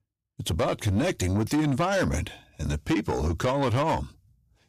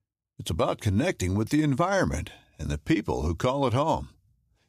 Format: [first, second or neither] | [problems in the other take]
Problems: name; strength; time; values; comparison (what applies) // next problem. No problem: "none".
second | distortion; slight; 10 dB below the speech